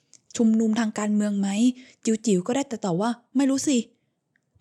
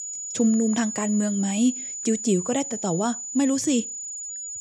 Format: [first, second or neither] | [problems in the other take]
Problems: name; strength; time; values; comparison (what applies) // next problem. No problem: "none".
first | high-pitched whine; loud; throughout; 7 kHz, 6 dB below the speech